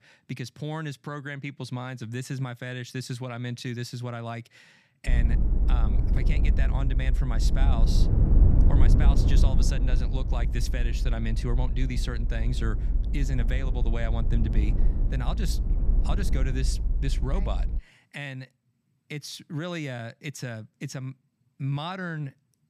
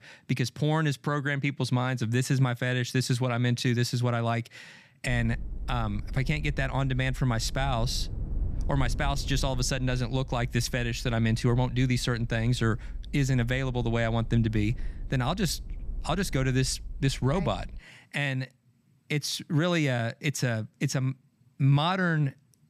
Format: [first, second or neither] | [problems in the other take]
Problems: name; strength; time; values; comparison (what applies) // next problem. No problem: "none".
second | low rumble; loud; from 5 to 18 s; 5 dB below the speech; faint in the second